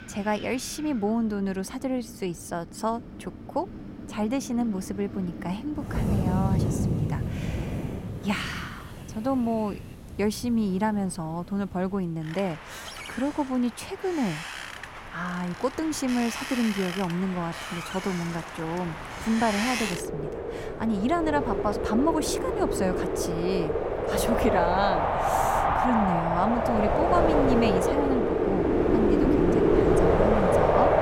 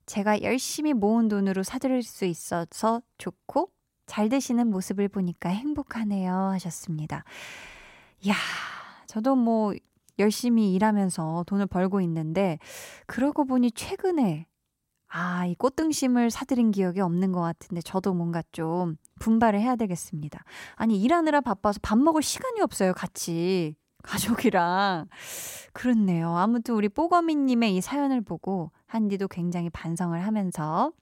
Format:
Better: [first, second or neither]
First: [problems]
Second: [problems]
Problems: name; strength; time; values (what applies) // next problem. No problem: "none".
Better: second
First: wind in the background; very loud; throughout; 2 dB above the speech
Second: none